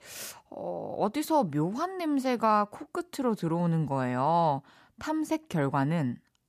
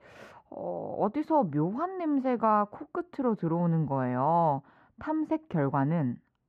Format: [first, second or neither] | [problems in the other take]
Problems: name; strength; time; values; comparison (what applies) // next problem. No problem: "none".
first | muffled; very; fading above 4 kHz